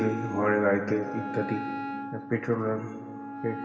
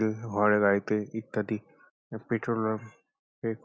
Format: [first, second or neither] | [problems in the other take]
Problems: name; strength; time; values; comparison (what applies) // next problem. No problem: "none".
second | background sound (Wind instrument, woodwind instrument); 8 dB below the speech // room echo; dies away in 2.3 s